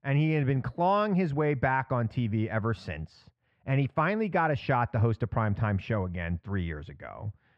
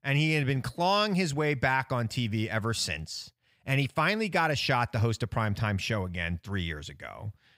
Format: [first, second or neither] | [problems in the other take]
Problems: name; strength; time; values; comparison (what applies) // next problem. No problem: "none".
second | muffled; very; fading above 4 kHz